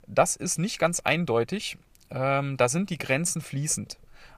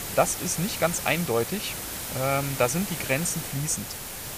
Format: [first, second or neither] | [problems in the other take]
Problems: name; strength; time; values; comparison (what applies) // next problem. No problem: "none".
first | hiss; loud; throughout; 5 dB below the speech